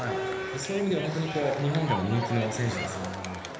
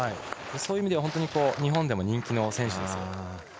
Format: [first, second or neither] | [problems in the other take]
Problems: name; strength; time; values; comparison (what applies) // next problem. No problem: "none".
second | background sound (Crowd); 6 dB below the speech // room echo; dies away in 1.1 s